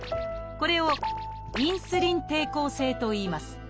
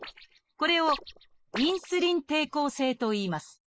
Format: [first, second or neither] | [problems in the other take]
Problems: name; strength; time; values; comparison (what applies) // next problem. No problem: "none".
first | noise reduction (neural mask model Resemble Enhance denoiser)